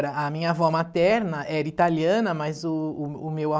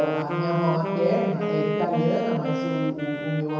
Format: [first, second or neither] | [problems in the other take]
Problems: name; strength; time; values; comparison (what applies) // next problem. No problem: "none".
first | background sound (Wind instrument, woodwind instrument); 2 dB below the speech // room echo; dies away in 1 s